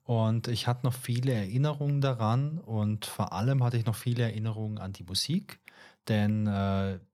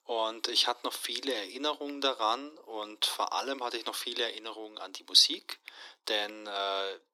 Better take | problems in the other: first | thin; very; fading below 300 Hz

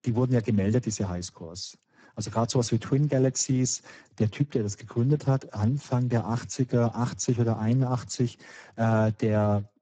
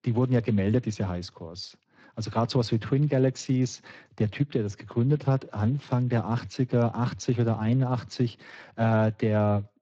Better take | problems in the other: second | garbled, watery; badly; nothing above 7.5 kHz; slightly in the second

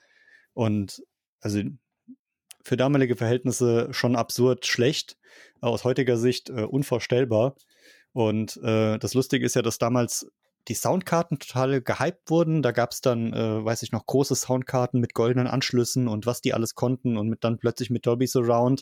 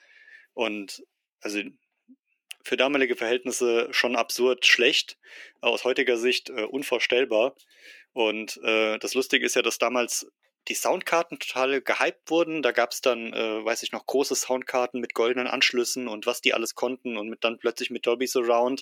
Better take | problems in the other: first | thin; somewhat; fading below 300 Hz

